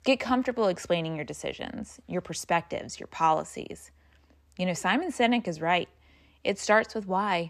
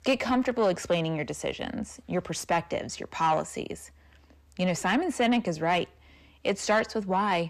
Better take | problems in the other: first | distortion; slight; 10 dB below the speech

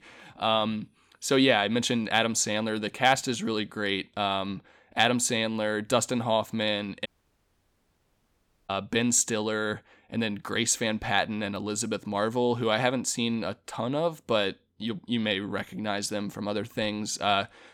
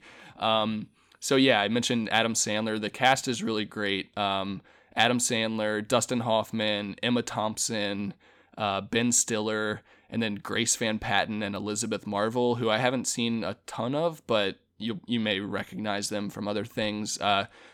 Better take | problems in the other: second | audio cutting out; at 7 s for 1.5 s

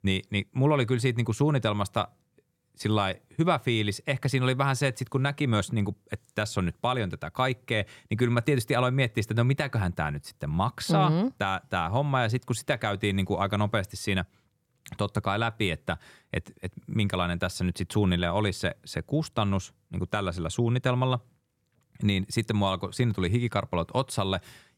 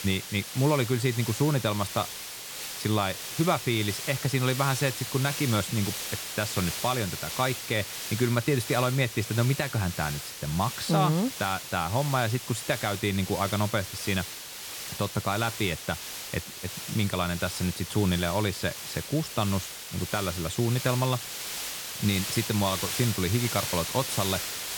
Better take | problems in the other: first | hiss; loud; throughout; 6 dB below the speech

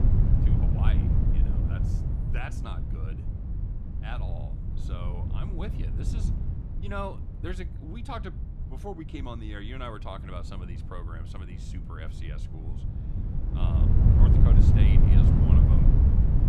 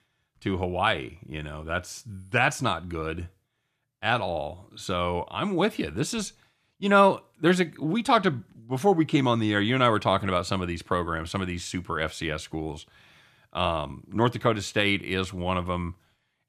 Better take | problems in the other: second | wind noise on the microphone; heavy; 3 dB above the speech

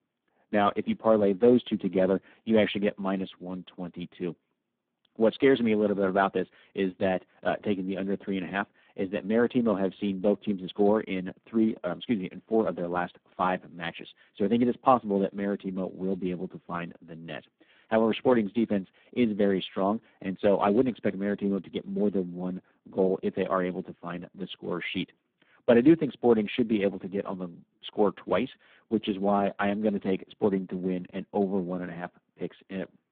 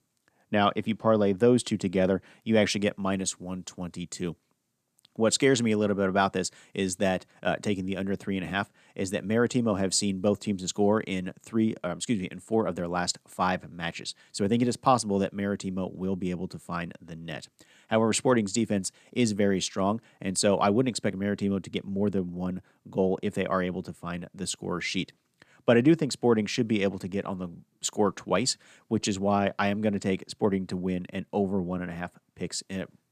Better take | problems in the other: second | phone-call audio; poor line

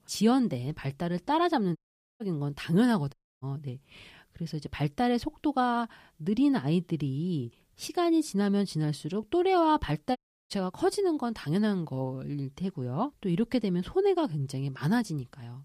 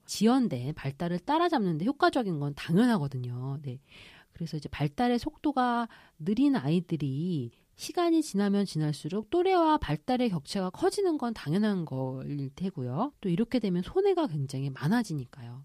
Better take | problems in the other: second | audio cutting out; at 2 s, at 3 s and at 10 s

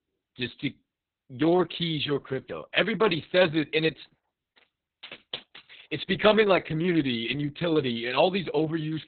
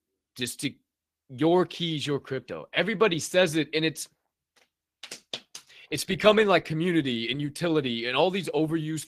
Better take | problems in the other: second | garbled, watery; badly; nothing above 4 kHz; slightly in the second

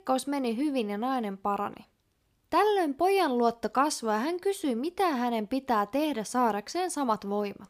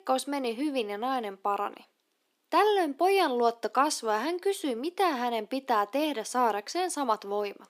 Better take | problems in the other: first | thin; very slightly; fading below 300 Hz

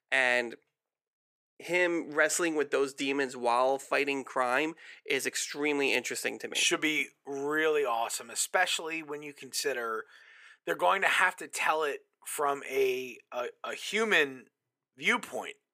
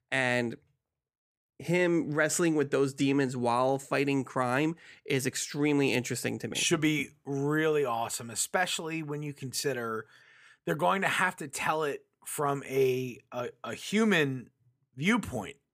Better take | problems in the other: second | thin; somewhat; fading below 450 Hz

